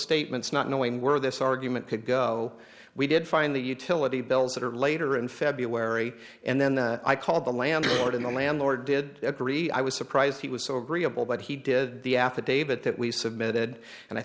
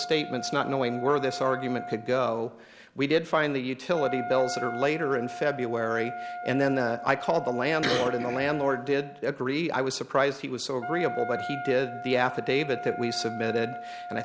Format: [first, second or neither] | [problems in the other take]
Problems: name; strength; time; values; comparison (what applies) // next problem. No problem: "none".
first | background sound (Wind instrument, woodwind instrument); 10 dB below the speech